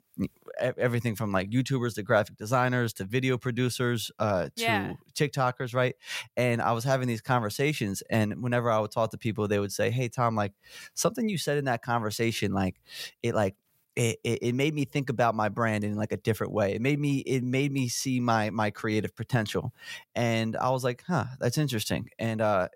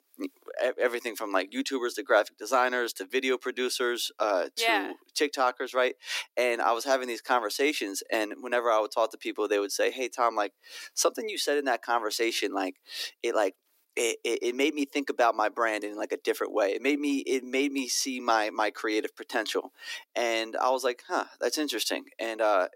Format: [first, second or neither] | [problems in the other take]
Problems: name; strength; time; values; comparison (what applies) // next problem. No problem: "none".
first | thin; somewhat; fading below 300 Hz